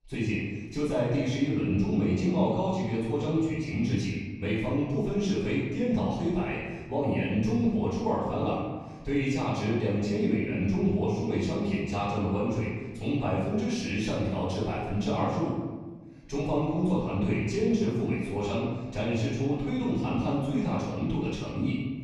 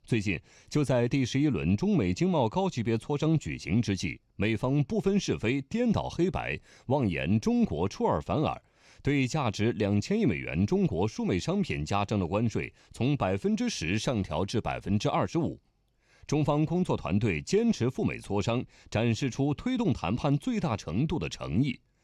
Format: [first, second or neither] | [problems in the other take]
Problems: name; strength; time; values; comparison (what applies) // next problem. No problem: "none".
second | room echo; noticeable; dies away in 1.2 s // off-mic speech; far